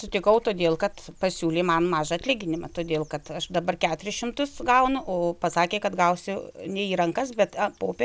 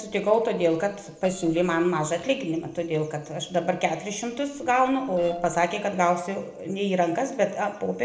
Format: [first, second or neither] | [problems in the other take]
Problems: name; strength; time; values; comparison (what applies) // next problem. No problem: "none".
first | noise reduction (neural separator model SepFormer DNS4)